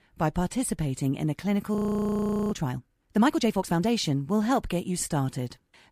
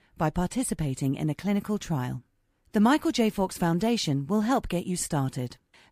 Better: second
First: audio freezing; at 2 s for 1 s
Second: none

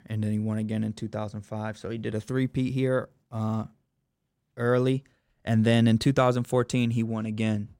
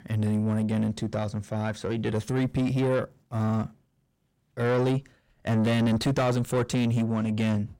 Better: first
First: none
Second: distortion; heavy; 7 dB below the speech

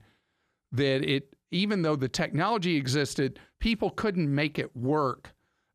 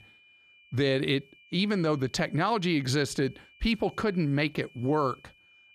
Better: first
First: none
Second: high-pitched whine; faint; throughout; 2.5 kHz, 25 dB below the speech

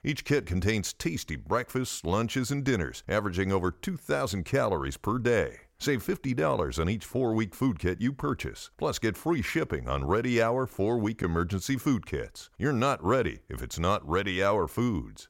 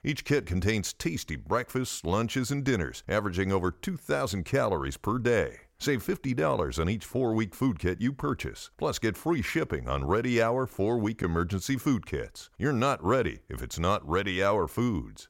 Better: neither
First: none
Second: none

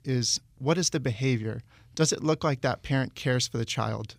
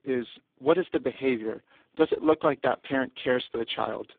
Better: first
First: none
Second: phone-call audio; poor line

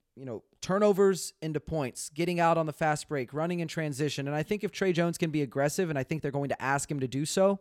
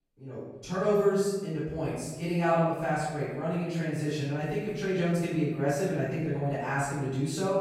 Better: first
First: none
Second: off-mic speech; far // room echo; strong; dies away in 1.1 s

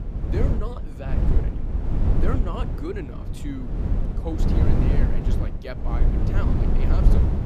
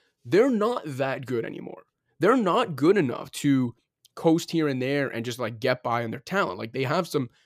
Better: second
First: wind noise on the microphone; heavy; 1 dB above the speech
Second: none

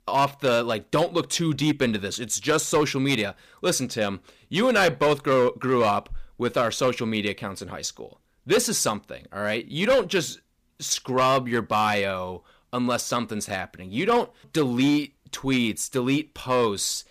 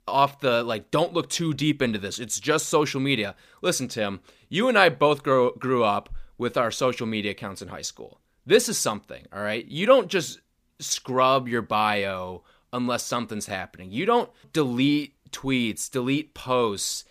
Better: second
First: distortion; slight; 4% of the sound clipped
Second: none

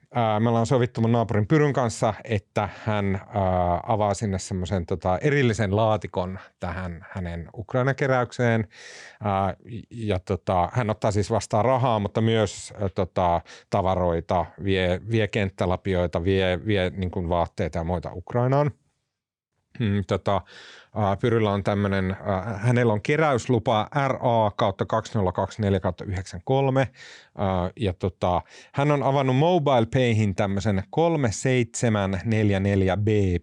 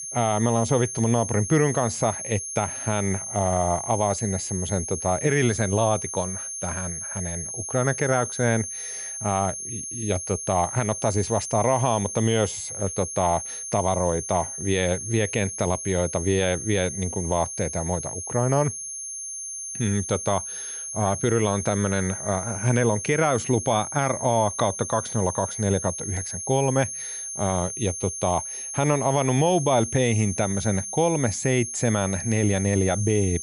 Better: first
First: none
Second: high-pitched whine; loud; throughout; 6.5 kHz, 6 dB below the speech

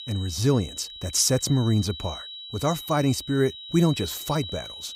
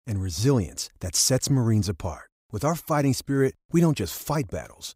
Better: second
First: high-pitched whine; noticeable; throughout; 4 kHz, 10 dB below the speech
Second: none

